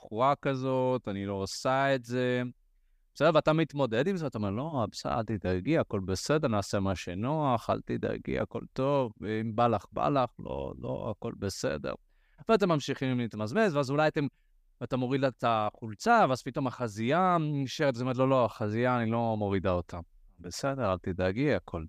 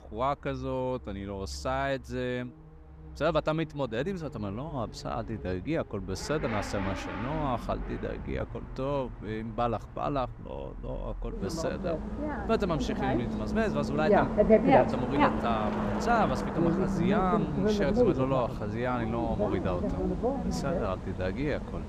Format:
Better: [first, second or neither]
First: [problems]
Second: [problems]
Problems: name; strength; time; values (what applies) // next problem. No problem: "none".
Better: first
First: none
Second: traffic noise; very loud; throughout; 3 dB above the speech